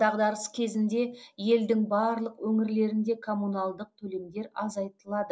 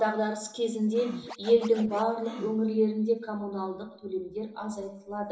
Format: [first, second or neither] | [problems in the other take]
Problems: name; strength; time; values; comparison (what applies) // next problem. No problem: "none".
first | background sound (Scratching (performance technique)); 15 dB below the speech // room echo; dies away in 0.7 s